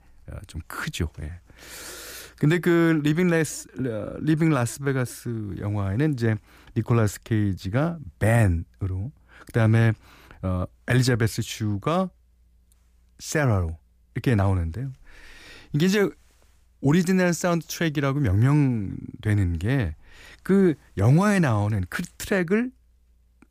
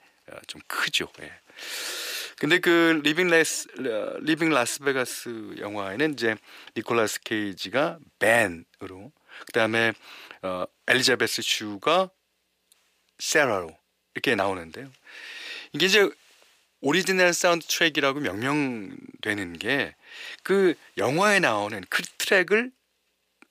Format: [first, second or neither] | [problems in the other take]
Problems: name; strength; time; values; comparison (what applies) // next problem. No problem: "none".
first | thin; very; fading below 450 Hz